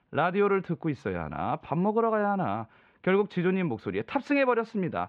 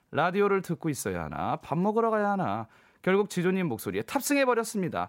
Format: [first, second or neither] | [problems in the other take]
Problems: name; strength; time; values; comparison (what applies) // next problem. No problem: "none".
second | muffled; very; fading above 3 kHz